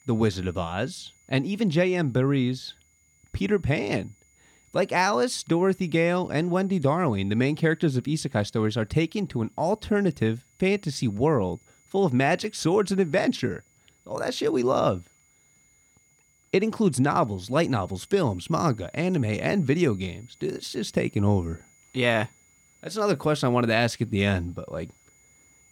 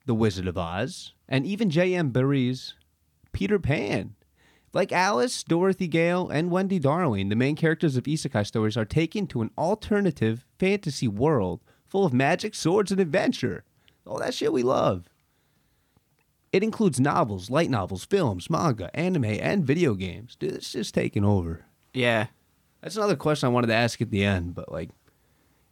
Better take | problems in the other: second | high-pitched whine; faint; throughout; 7 kHz, 35 dB below the speech

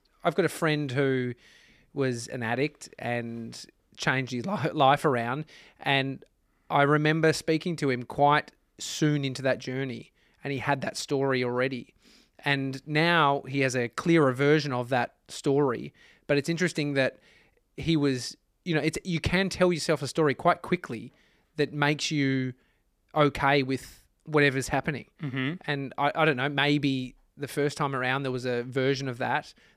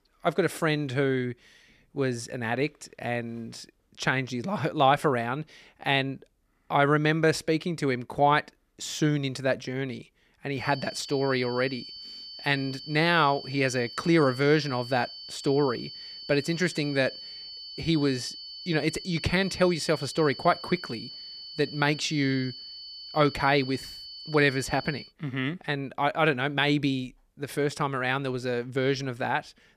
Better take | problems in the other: first | high-pitched whine; noticeable; from 11 to 25 s; 4.5 kHz, 10 dB below the speech

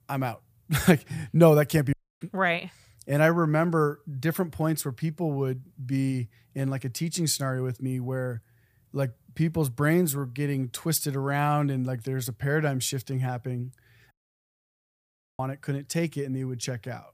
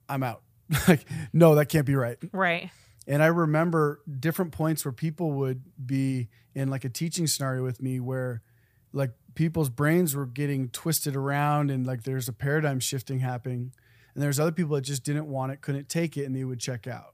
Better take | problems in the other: second | audio cutting out; at 2 s and at 14 s for 1.5 s

